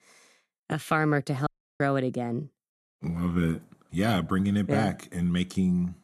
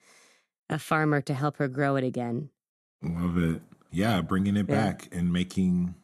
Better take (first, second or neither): second